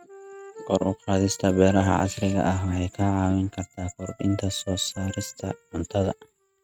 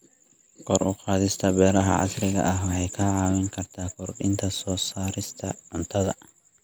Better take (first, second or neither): second